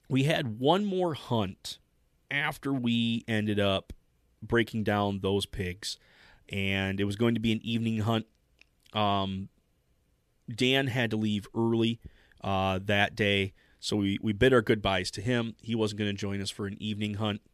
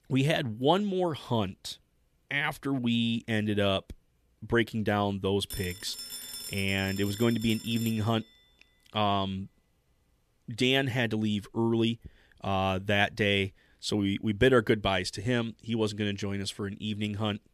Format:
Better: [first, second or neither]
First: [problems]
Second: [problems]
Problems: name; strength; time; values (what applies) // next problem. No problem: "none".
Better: first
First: none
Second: phone ringing; noticeable; from 5.5 to 8 s; peak 8 dB below the speech